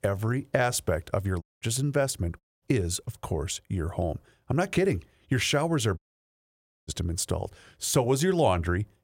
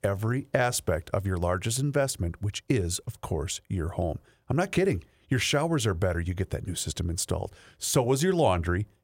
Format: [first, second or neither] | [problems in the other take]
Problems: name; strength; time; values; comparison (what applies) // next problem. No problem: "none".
second | audio cutting out; at 1.5 s, at 2.5 s and at 6 s for 1 s